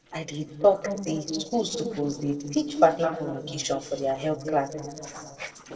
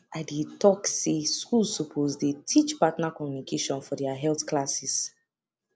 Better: second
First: noise reduction (neural separator model SepFormer DNS4)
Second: none

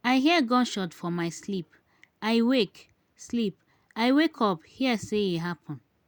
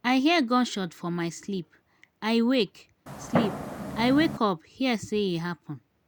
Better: first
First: none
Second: background sound (Fireworks); 4 dB below the speech

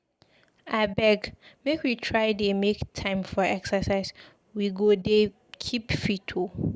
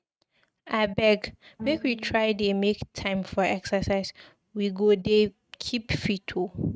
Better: first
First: none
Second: noise reduction (neural mask model RNNoise)

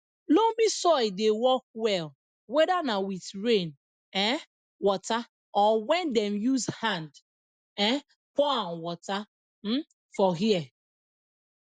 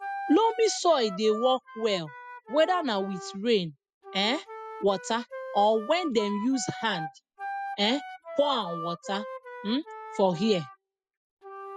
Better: first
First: none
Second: noise reduction (classical method spectral subtraction)

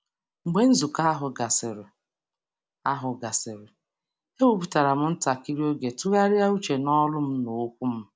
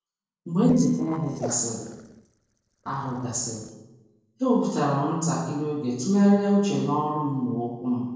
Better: first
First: none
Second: noise reduction (neural separator model SepFormer DNS4)

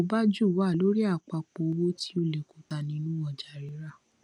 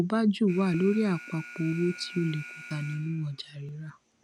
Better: first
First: none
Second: background sound (Alarm); 17 dB below the speech

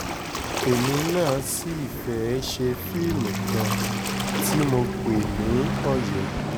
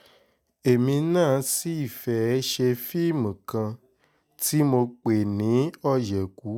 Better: second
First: background sound (Waves, surf); 1 dB below the speech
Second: none

